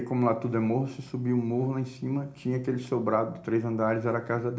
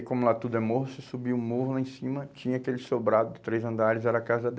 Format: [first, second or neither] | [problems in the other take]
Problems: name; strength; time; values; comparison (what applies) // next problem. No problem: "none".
second | room echo; dies away in 0.4 s